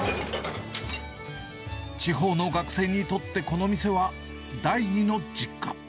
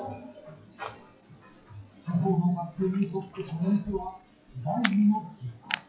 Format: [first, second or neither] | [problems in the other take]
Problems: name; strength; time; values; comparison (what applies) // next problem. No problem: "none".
first | noise reduction (classical method WPE with log-MMSE)